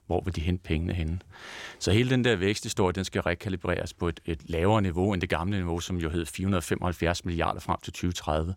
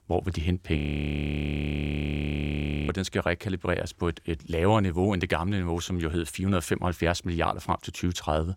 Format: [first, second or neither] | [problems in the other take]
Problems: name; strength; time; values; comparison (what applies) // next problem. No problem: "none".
first | audio freezing; at 1 s for 2 s